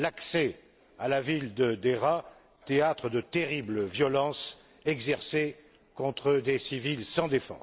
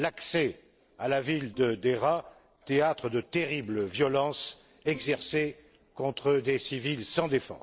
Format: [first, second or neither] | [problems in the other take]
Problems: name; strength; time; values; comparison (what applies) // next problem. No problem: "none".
first | noise reduction (neural separator model SepFormer DNS4)